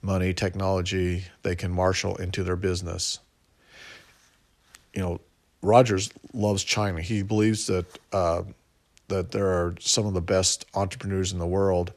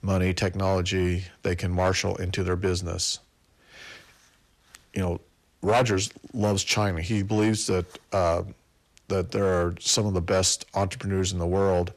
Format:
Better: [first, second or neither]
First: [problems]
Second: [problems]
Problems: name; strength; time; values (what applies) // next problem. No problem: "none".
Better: first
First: none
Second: distortion; slight; 4% of the sound clipped